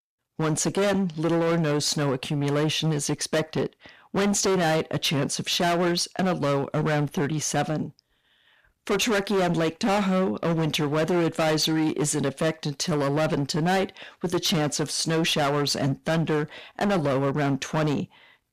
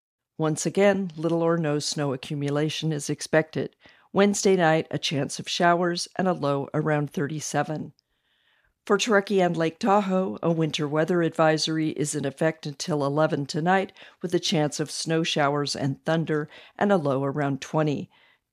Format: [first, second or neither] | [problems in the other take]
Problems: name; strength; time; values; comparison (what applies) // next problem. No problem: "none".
second | distortion; heavy; 20% of the sound clipped